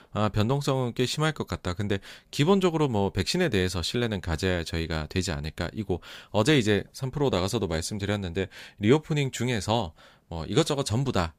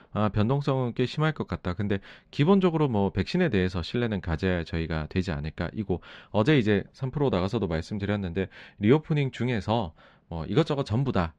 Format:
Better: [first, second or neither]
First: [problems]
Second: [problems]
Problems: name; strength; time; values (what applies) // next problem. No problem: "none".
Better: first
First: none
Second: muffled; slightly; fading above 3 kHz